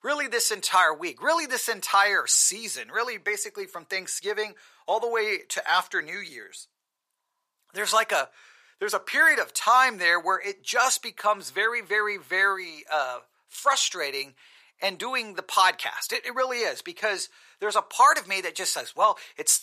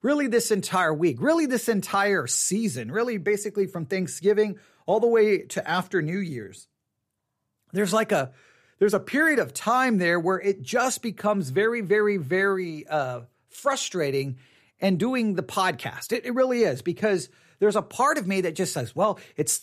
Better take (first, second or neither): second